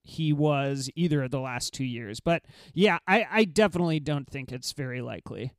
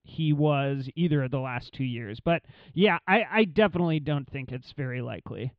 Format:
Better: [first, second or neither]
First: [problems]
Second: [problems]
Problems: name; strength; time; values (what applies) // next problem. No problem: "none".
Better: first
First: none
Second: muffled; very; fading above 3.5 kHz